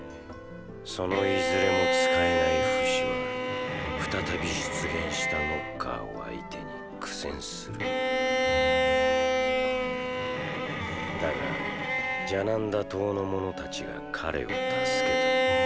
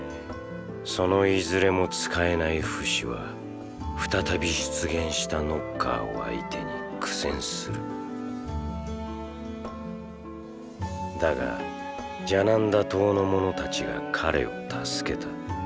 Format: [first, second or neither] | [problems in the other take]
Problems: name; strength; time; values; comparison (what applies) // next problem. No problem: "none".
second | background sound (Bowed string instrument); 4 dB above the speech